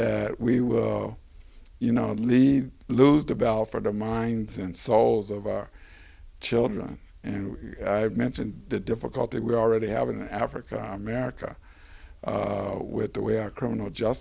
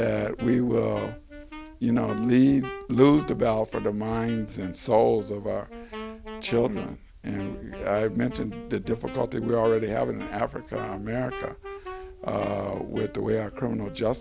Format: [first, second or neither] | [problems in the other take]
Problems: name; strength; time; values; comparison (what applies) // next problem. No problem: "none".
first | background sound (Wind instrument, woodwind instrument); 15 dB below the speech